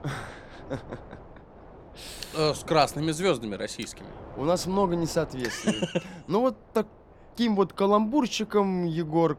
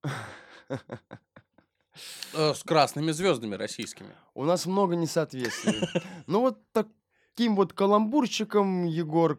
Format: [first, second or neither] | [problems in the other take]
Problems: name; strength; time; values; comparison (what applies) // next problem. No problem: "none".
second | wind noise on the microphone; occasional gusts; 20 dB below the speech